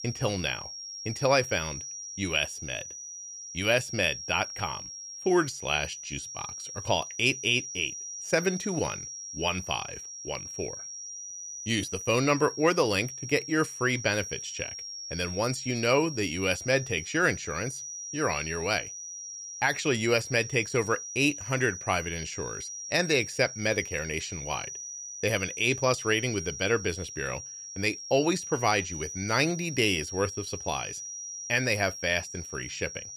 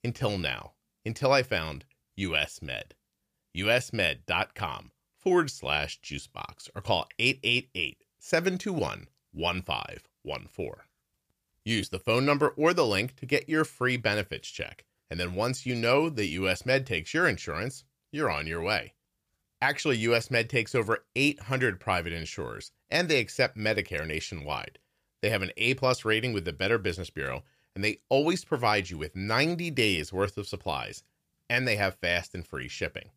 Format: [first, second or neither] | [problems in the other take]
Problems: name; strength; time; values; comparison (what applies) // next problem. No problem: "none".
second | high-pitched whine; loud; throughout; 5.5 kHz, 9 dB below the speech